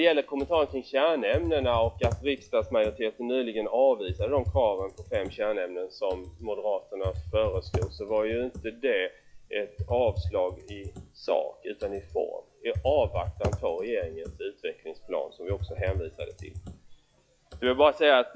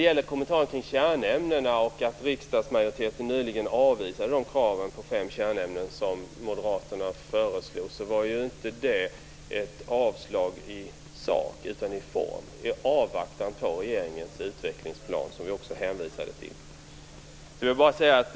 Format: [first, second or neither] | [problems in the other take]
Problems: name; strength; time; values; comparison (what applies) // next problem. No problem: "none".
second | noise reduction (classical method log-MMSE)